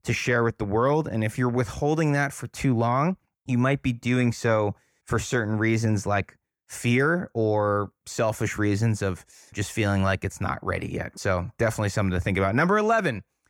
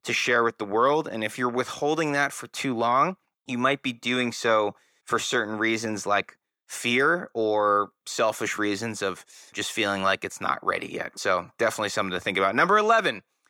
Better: first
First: none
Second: thin; somewhat; fading below 300 Hz

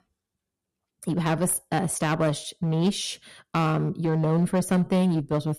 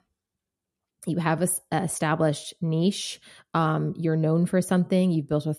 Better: second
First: distortion; slight; 7% of the sound clipped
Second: none

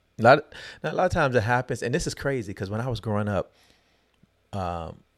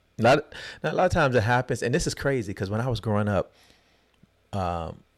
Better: first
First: none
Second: distortion; slight; 10 dB below the speech

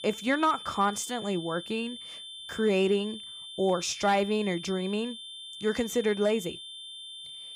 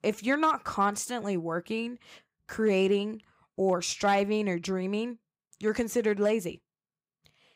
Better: second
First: high-pitched whine; noticeable; throughout; 3.5 kHz, 10 dB below the speech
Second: none

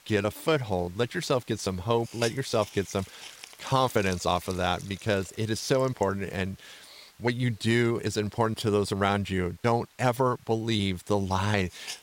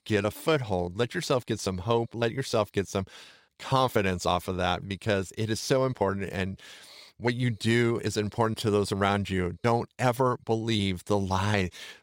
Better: second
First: hiss; noticeable; throughout; 20 dB below the speech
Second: none

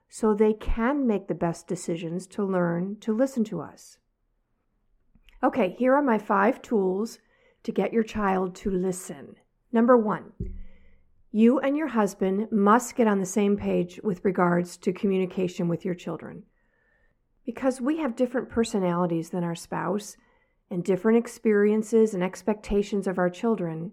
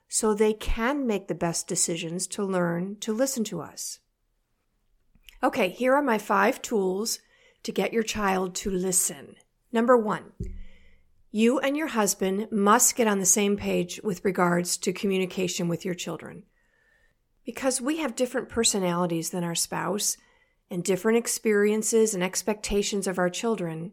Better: second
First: muffled; very; fading above 2.5 kHz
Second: none

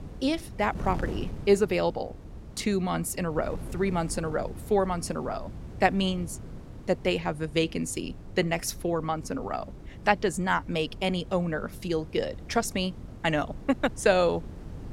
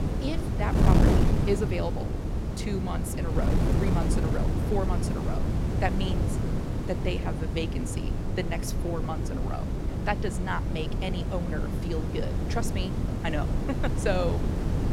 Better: first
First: wind noise on the microphone; occasional gusts; 20 dB below the speech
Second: wind noise on the microphone; heavy; 2 dB below the speech

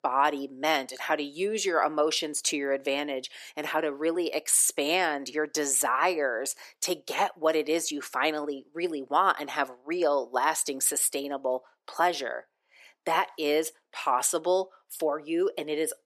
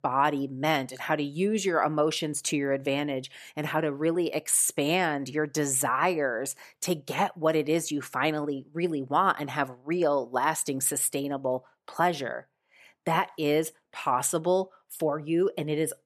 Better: second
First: thin; very slightly; fading below 300 Hz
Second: none

